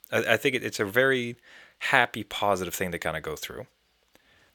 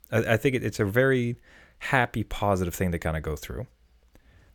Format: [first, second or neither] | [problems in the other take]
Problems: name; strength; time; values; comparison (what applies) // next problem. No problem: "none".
second | thin; somewhat; fading below 1 kHz